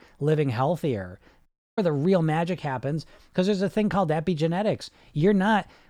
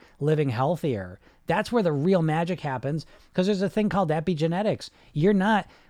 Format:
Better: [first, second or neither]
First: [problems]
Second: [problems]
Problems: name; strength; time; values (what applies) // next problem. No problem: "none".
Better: second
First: audio cutting out; at 1.5 s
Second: none